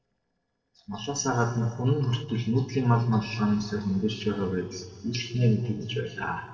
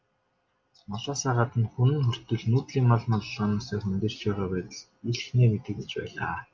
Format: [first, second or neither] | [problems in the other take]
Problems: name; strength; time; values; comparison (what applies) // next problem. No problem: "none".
second | noise reduction (neural separator model SepFormer DNS4)